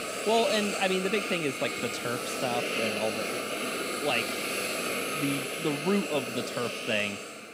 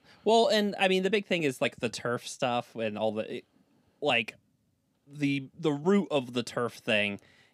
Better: second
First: hiss; loud; throughout; 1 dB below the speech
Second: none

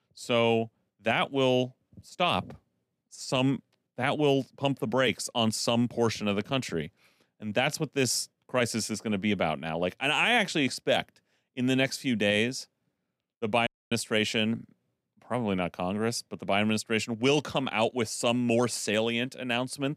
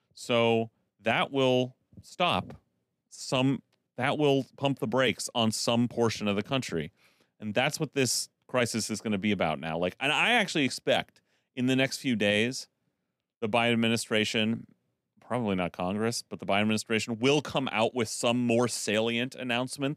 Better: second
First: audio cutting out; at 14 s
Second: none

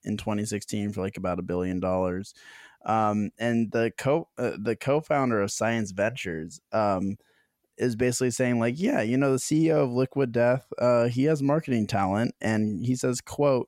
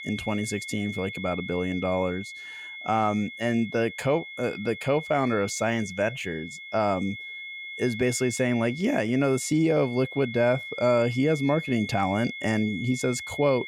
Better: first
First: none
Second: high-pitched whine; noticeable; throughout; 2 kHz, 10 dB below the speech

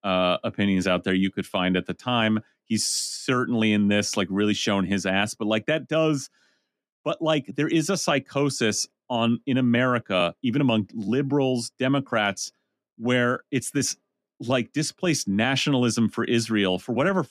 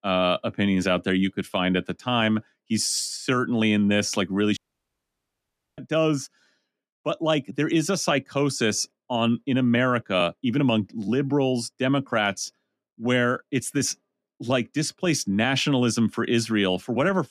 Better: first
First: none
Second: audio cutting out; at 4.5 s for 1 s

